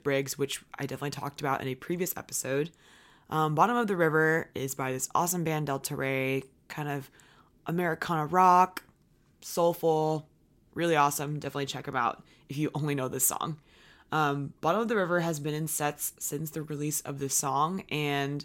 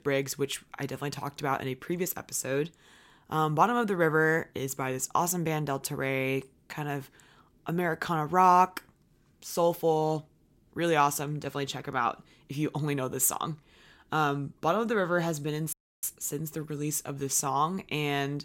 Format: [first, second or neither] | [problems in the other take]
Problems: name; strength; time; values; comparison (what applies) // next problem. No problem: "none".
first | audio cutting out; at 16 s